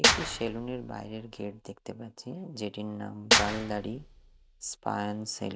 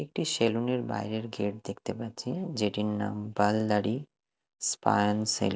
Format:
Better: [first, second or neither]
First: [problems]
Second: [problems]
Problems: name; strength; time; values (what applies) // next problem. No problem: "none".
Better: second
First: background sound (Clapping / Drum kit); 5 dB above the speech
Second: none